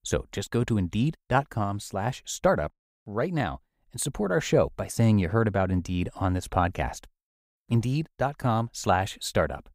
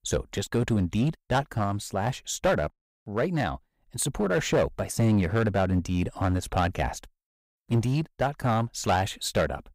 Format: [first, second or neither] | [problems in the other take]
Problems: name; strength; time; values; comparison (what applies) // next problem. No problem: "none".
first | distortion; slight; 6% of the sound clipped